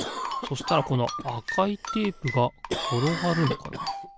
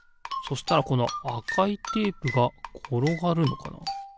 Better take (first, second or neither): second